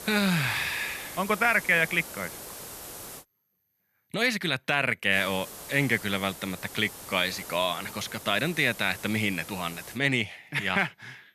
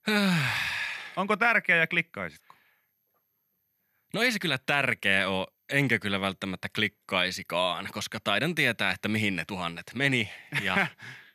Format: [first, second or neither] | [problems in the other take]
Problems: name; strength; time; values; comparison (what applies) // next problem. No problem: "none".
second | hiss; noticeable; until 3 s and from 5 to 10 s; 15 dB below the speech